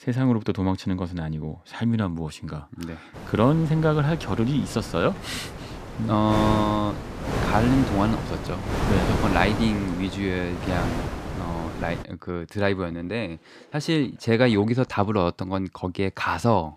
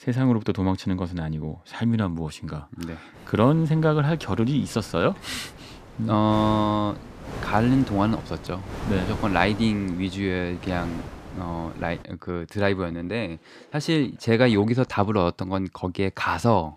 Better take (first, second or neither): second